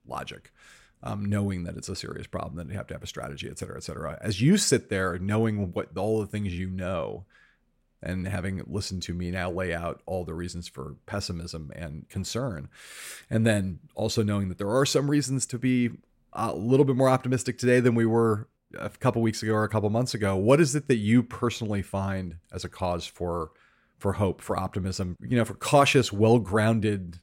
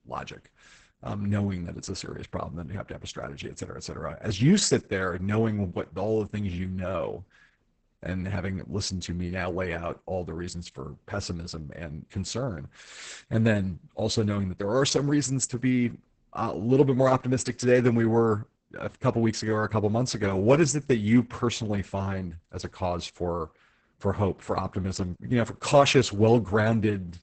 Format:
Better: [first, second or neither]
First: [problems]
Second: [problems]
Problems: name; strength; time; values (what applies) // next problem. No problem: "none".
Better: first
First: none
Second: garbled, watery; badly; nothing above 8 kHz